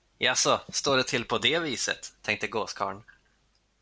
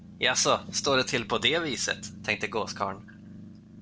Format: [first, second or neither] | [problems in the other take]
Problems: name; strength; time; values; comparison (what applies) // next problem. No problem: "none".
first | background sound (Growling); 16 dB below the speech